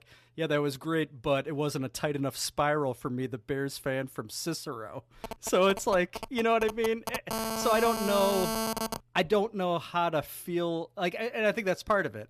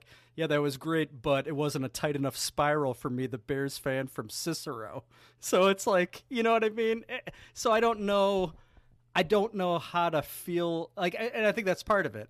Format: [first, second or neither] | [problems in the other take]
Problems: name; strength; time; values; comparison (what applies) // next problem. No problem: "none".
second | phone ringing; noticeable; from 5 to 9 s; peak 1 dB below the speech